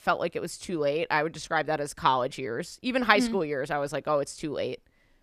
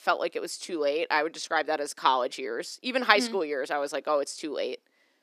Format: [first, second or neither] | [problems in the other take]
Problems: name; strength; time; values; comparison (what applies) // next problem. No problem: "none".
first | thin; very slightly; fading below 300 Hz